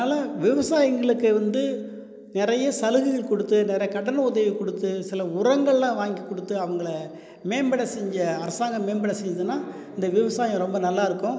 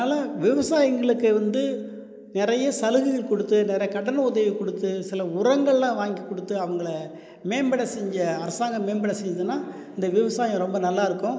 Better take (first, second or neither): first